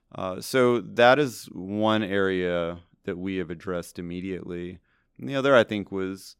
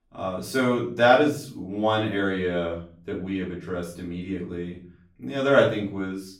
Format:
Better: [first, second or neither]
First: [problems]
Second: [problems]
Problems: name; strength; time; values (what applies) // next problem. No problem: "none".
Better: first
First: none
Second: room echo; slight; dies away in 0.4 s // off-mic speech; far